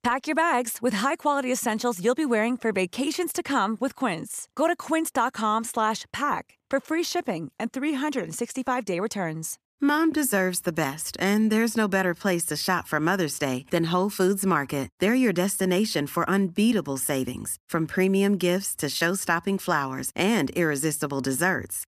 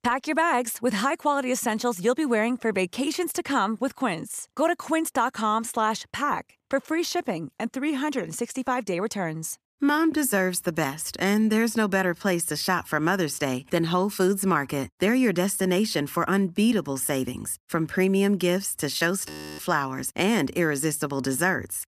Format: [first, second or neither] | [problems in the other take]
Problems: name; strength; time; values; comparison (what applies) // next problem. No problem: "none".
first | audio freezing; at 19 s